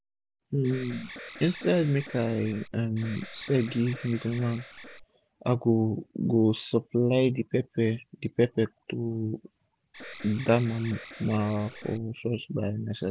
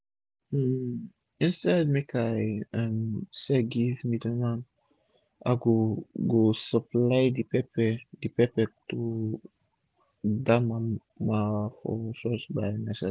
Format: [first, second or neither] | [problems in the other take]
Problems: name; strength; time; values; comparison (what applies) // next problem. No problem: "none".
second | background sound (Alarm); 16 dB below the speech